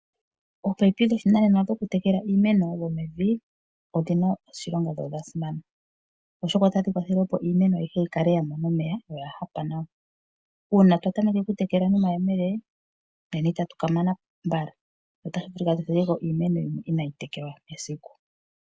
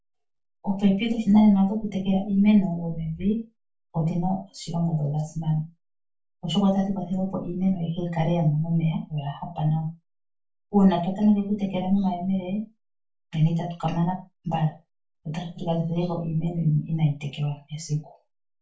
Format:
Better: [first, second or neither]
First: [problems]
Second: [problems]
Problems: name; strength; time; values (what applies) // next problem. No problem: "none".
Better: first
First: none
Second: room echo; dies away in 0.2 s